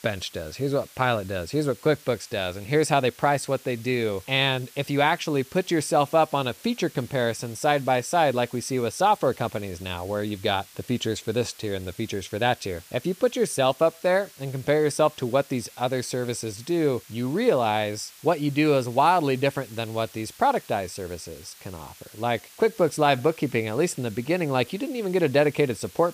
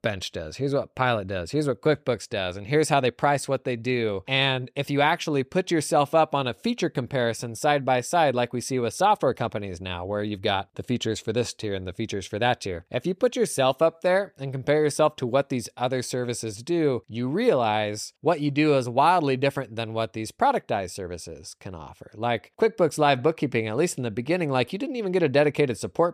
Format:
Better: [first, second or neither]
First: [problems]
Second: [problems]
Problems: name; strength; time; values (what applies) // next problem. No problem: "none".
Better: second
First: hiss; faint; throughout; 20 dB below the speech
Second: none